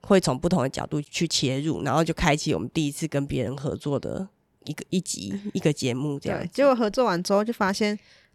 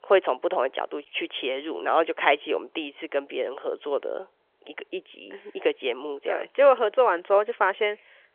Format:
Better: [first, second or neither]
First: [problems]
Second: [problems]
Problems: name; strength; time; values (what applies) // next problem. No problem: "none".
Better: first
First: none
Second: phone-call audio; nothing above 3.5 kHz